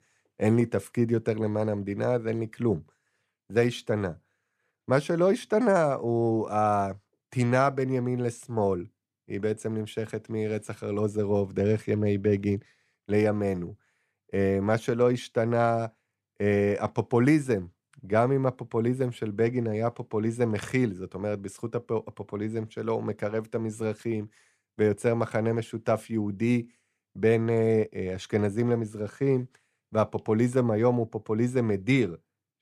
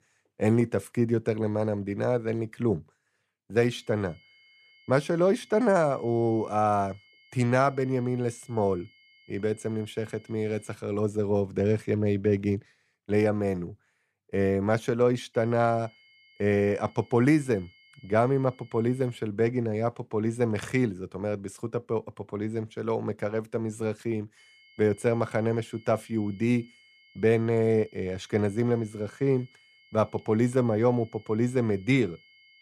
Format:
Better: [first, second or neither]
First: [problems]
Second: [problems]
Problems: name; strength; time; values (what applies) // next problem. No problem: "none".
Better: first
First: none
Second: high-pitched whine; faint; from 3.5 to 11 s, from 15 to 19 s and from 24 s on; 2 kHz, 30 dB below the speech